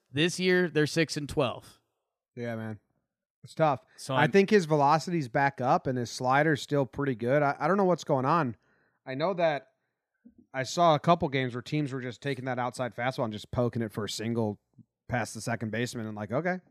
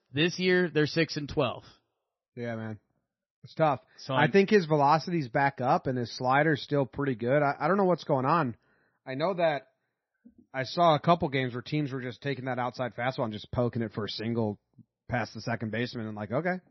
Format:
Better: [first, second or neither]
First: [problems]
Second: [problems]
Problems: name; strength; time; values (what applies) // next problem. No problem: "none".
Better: first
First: none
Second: garbled, watery; slightly; nothing above 6 kHz